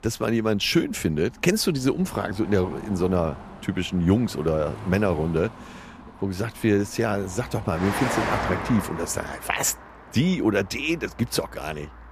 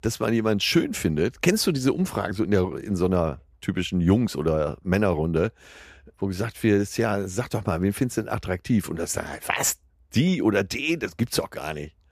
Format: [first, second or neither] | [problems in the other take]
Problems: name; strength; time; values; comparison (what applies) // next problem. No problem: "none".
second | traffic noise; noticeable; throughout; 10 dB below the speech